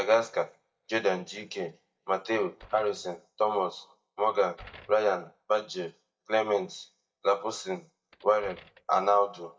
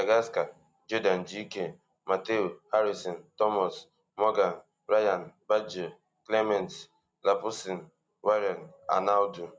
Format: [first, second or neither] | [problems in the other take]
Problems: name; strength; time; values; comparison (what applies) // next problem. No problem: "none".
second | noise reduction (neural mask model DeepFilterNet 3)